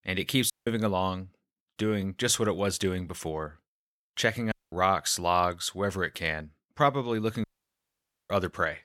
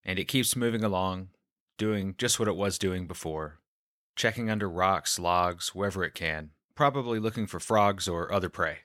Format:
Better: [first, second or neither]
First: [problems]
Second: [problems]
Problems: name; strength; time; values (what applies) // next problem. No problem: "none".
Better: second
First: audio cutting out; at 0.5 s, at 4.5 s and at 7.5 s for 1 s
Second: none